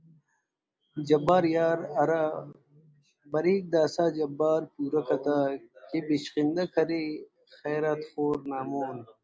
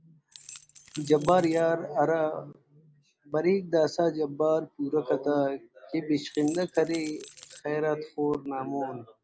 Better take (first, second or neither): first